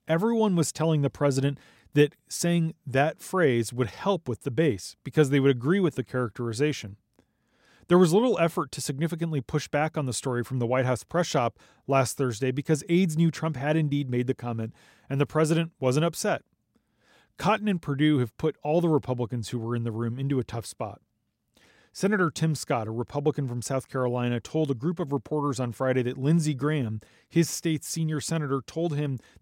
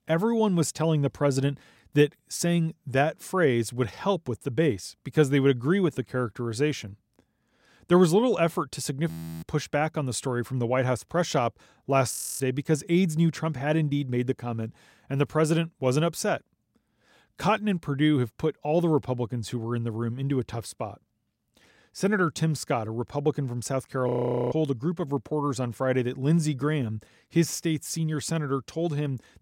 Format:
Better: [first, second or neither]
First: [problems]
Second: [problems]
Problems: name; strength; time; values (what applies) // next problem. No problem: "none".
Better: first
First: none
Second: audio freezing; at 9 s, at 12 s and at 24 s